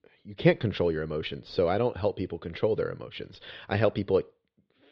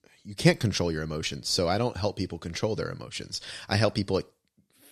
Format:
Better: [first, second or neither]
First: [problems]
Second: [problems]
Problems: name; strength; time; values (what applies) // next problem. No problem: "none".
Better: second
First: muffled; very; fading above 3.5 kHz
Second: none